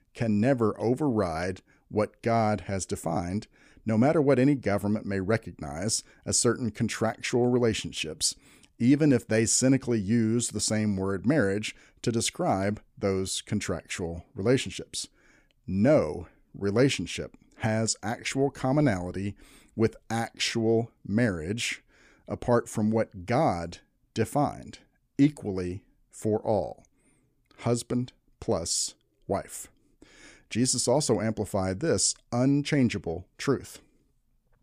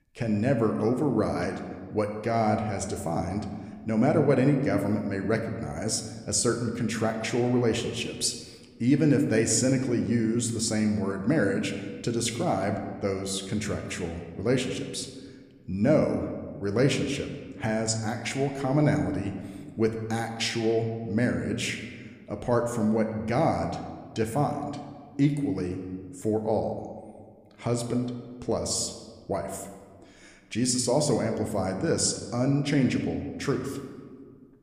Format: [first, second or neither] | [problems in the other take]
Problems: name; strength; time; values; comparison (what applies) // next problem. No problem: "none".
first | room echo; slight; dies away in 1.2 s